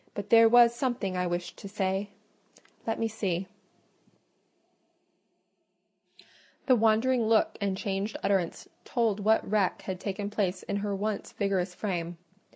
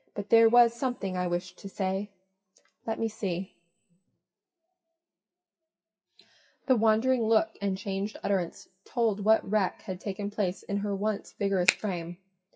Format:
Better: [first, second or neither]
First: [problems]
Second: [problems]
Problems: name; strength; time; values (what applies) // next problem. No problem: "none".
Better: first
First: none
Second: noise reduction (classical method WPE with log-MMSE)